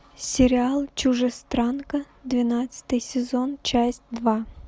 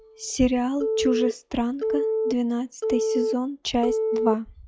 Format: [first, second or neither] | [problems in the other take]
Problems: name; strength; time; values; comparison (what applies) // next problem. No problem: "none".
first | noise reduction (classical method log-MMSE)